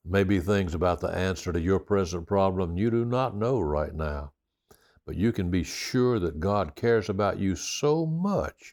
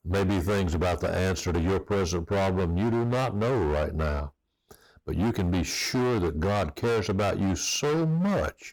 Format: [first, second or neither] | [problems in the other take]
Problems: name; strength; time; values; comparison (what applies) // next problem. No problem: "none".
first | distortion; heavy; 27% of the sound clipped